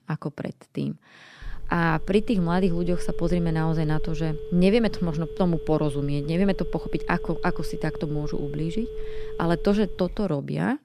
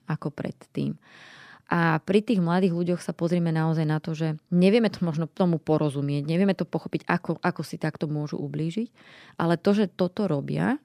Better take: second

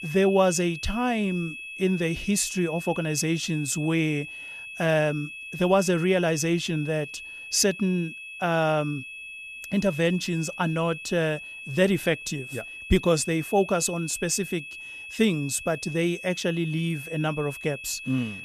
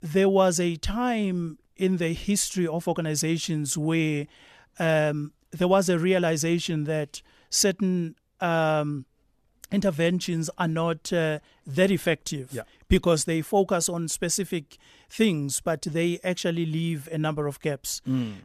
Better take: second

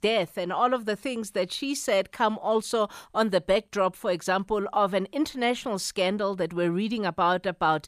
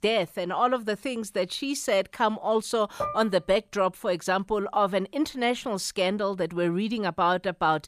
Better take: first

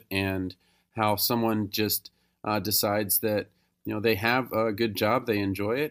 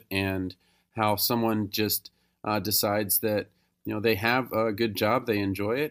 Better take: neither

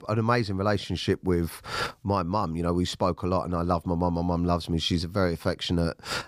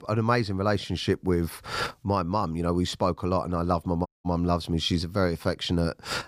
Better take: first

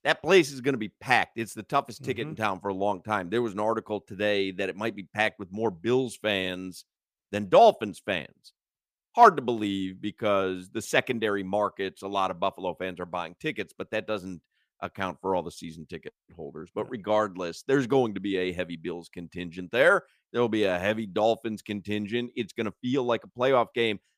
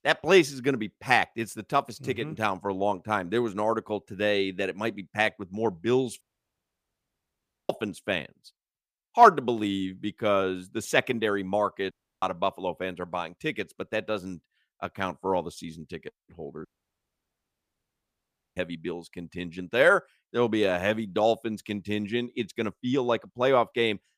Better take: first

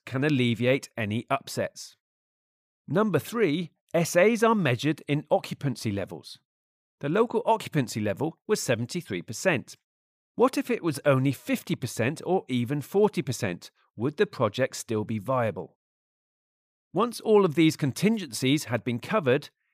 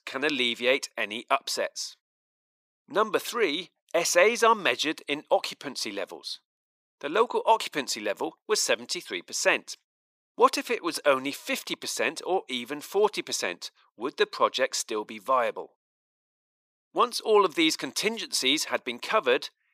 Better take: first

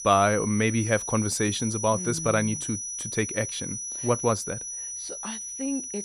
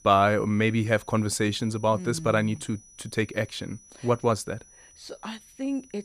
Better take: second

